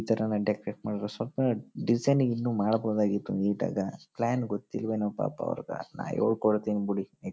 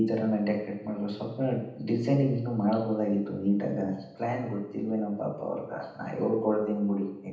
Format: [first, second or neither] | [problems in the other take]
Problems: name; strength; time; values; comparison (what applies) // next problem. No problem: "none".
first | room echo; dies away in 0.9 s